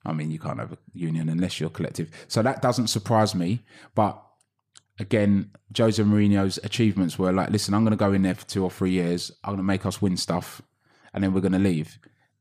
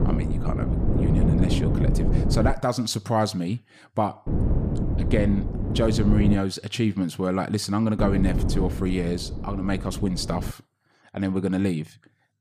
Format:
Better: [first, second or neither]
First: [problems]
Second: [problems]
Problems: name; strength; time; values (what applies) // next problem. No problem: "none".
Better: first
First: none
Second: wind noise on the microphone; heavy; until 2.5 s, from 4.5 to 6.5 s and from 8 to 11 s; 6 dB below the speech